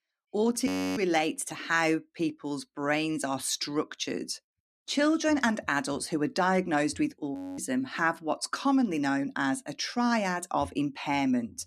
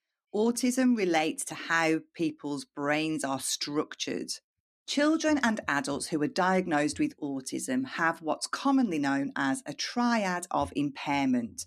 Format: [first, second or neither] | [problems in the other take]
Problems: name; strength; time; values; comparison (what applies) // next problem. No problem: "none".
second | audio freezing; at 0.5 s and at 7.5 s